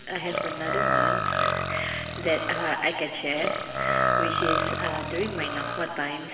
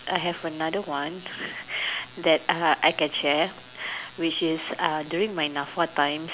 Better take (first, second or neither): second